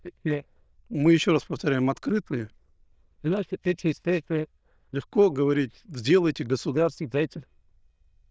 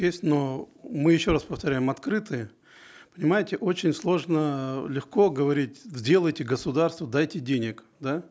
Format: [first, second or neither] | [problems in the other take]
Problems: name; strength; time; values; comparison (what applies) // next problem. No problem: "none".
second | noise reduction (neural diffusion model UNIVERSE++)